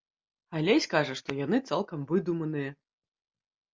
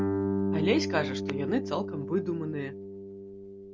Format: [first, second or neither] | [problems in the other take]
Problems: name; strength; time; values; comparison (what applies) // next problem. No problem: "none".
first | background sound (Guitar); as loud as the speech